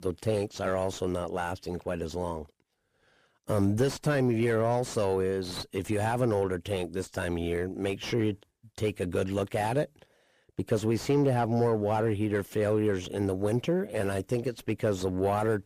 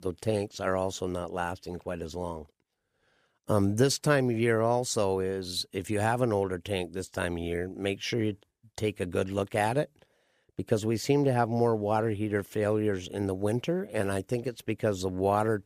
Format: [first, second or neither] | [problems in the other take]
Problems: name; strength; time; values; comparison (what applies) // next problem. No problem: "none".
second | distortion; slight; 10 dB below the speech